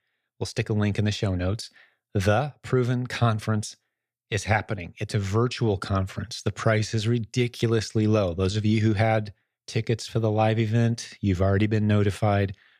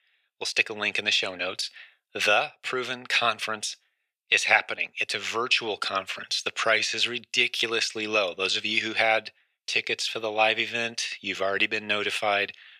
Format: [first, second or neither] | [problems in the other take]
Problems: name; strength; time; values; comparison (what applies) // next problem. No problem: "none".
first | thin; very; fading below 600 Hz